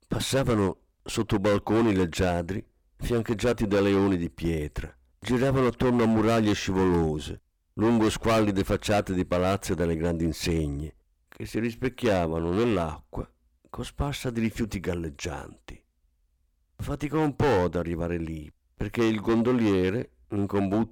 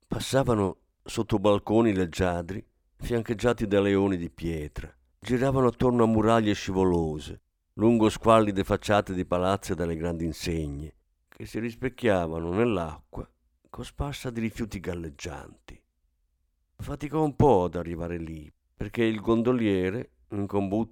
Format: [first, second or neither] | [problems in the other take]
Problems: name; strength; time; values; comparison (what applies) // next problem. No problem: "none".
second | distortion; heavy; 10% of the sound clipped